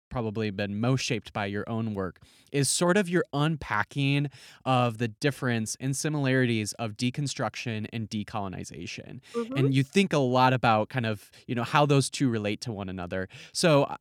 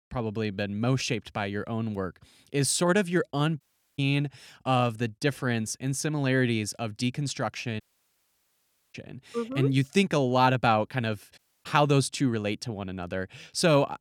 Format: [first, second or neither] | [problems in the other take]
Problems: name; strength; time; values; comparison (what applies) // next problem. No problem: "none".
first | audio cutting out; at 3.5 s, at 8 s for 1 s and at 11 s